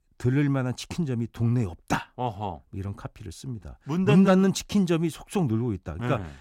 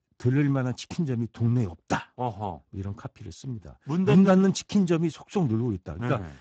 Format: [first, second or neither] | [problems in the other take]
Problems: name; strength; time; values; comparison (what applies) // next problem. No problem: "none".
first | garbled, watery; badly; nothing above 7.5 kHz